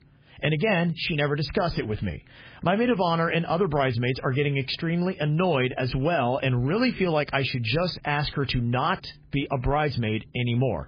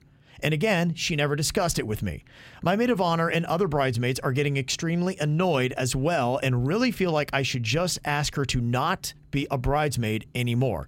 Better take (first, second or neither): second